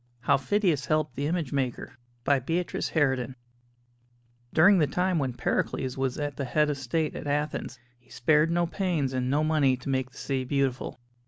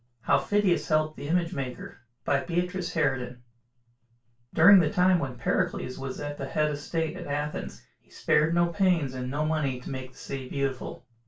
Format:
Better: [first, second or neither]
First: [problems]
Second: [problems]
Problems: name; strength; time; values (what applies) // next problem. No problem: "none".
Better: first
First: none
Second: room echo; dies away in 0.2 s